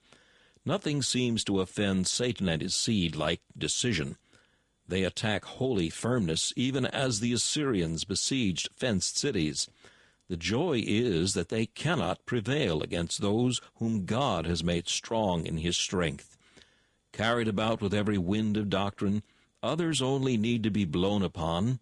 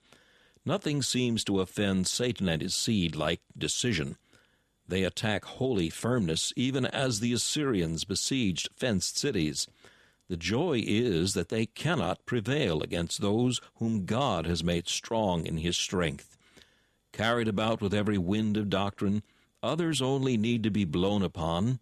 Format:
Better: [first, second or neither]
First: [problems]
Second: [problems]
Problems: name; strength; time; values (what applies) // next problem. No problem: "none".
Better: second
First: garbled, watery; slightly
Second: none